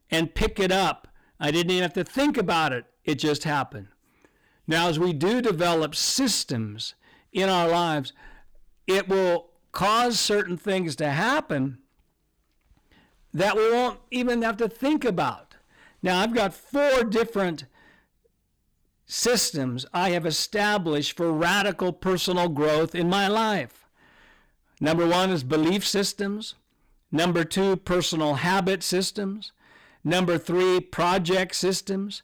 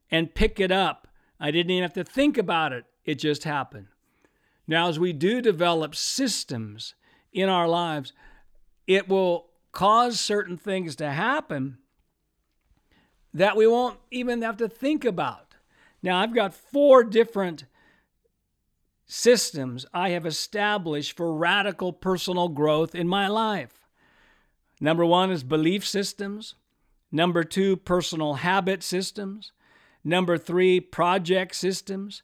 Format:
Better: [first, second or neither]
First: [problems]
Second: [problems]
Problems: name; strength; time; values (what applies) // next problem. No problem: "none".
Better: second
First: distortion; heavy; 14% of the sound clipped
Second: none